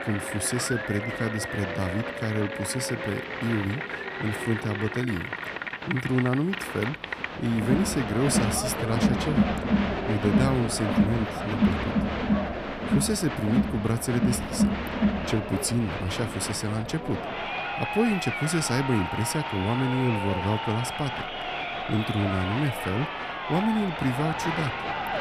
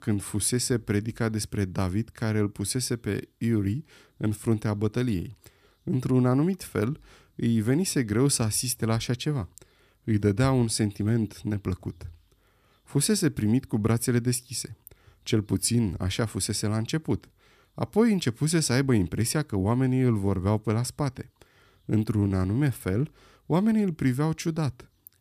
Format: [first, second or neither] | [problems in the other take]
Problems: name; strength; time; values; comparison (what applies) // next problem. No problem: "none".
second | crowd noise; loud; throughout; 1 dB below the speech